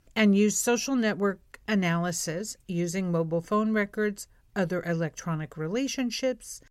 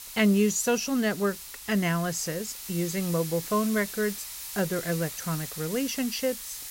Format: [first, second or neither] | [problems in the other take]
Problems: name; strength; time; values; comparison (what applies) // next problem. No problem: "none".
first | hiss; loud; throughout; 9 dB below the speech